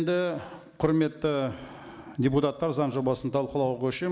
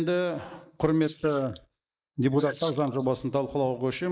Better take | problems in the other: first | noise reduction (neural mask model Resemble Enhance denoiser)

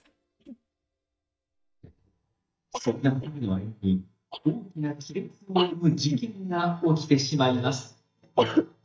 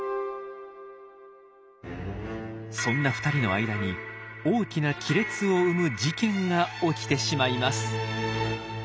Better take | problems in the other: second | noise reduction (neural mask model DeepFilterNet 3)

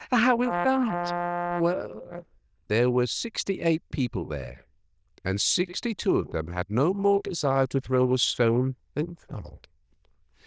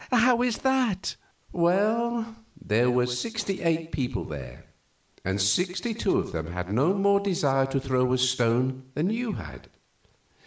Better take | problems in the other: second | noise reduction (neural diffusion model UNIVERSE++)

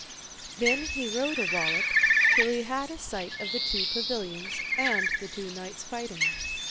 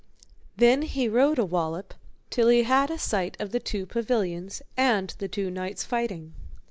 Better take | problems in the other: second | background sound (Bird); 5 dB above the speech

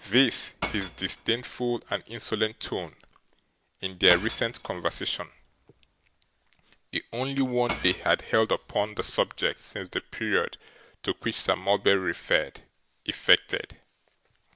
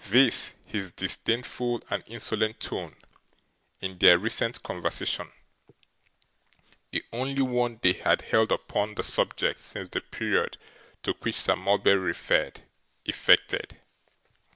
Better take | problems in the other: second | background sound (Shatter / Crushing); 13 dB below the speech

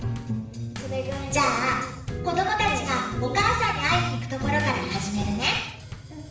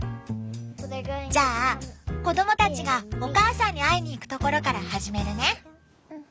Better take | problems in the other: second | background sound (Bass drum / Snare drum / Drum kit); 15 dB below the speech // room echo; dies away in 0.7 s

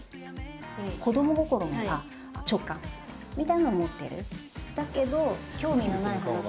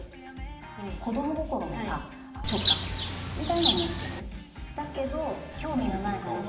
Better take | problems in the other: first | background sound (Bird); 3 dB above the speech // room echo; dies away in 0.7 s

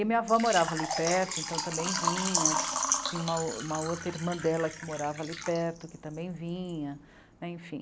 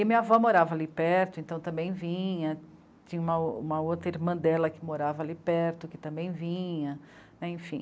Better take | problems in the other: second | background sound (Water / Liquid); 3 dB below the speech

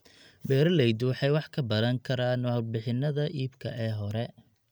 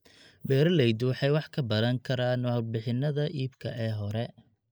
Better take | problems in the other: first | noise reduction (neural mask model Resemble Enhance denoiser)

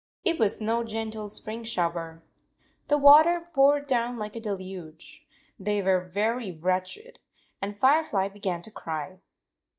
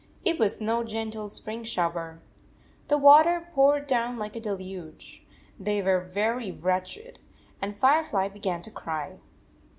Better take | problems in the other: second | noise reduction (neural mask model DeepFilterNet 3)

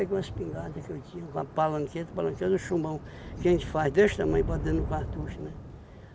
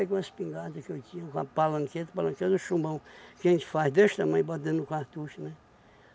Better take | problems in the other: second | background sound (Thunder / Rain); 8 dB below the speech

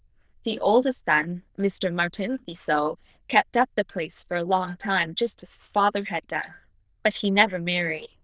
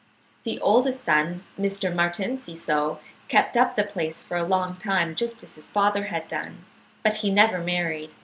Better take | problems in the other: second | noise reduction (neural diffusion model UNIVERSE++)

